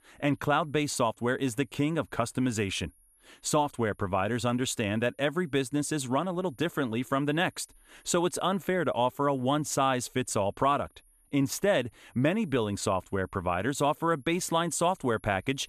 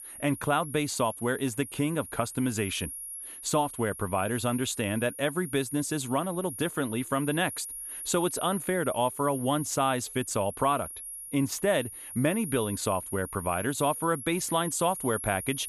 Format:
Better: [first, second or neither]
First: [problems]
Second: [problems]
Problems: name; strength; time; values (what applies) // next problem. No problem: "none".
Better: first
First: high-pitched whine; faint; throughout; 10.5 kHz, 35 dB below the speech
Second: high-pitched whine; loud; throughout; 10.5 kHz, 9 dB below the speech